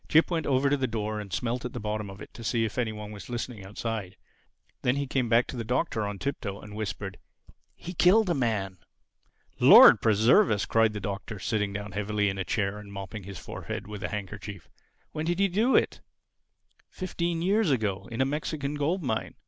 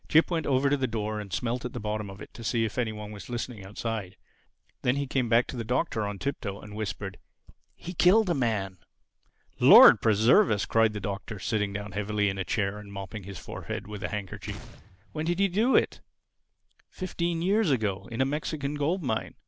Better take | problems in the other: first | background sound (Gunshot, gunfire); 17 dB below the speech

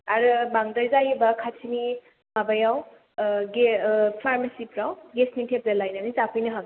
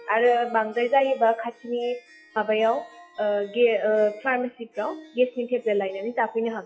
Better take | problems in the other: first | noise reduction (classical method log-MMSE)

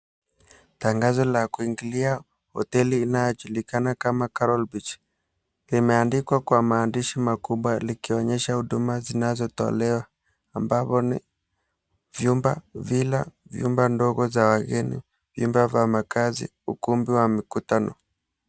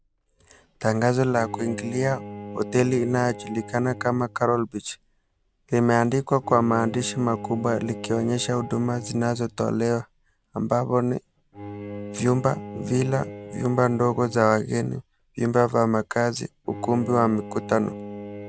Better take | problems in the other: first | background sound (Bowed string instrument); 14 dB below the speech

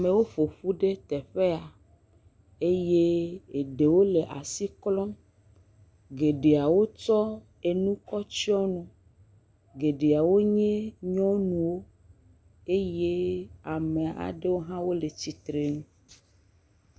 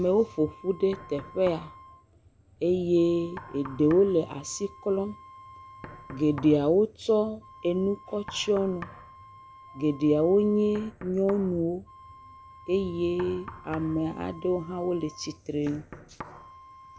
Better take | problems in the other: first | background sound (Wind instrument, woodwind instrument + Knock); 19 dB below the speech

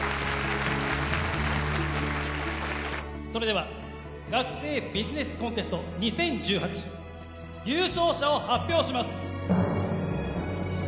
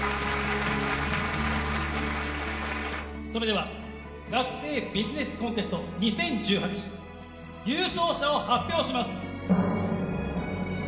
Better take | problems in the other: first | room echo; dies away in 0.7 s

